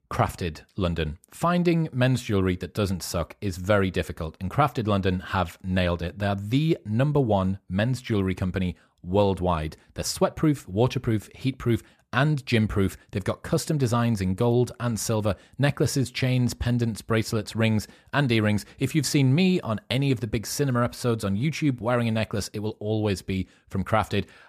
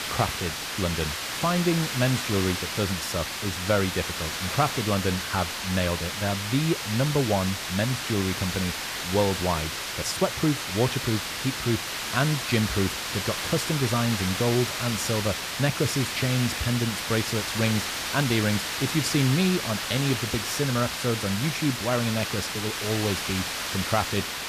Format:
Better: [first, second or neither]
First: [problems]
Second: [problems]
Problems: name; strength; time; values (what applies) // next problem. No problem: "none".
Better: first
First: none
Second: hiss; loud; throughout; 2 dB below the speech